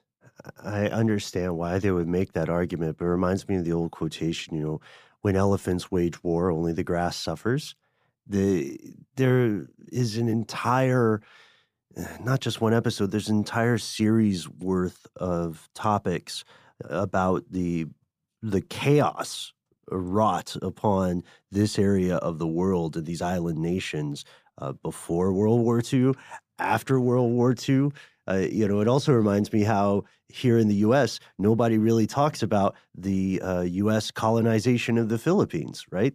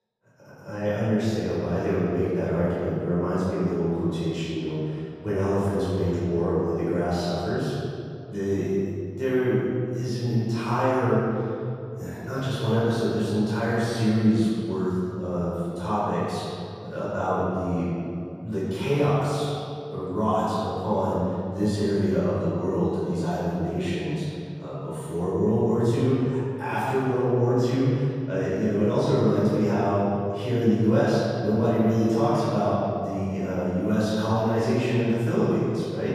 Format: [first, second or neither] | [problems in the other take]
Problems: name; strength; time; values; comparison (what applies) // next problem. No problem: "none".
first | off-mic speech; far // room echo; strong; dies away in 2.3 s